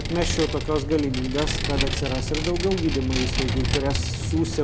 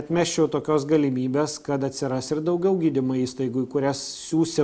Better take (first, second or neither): second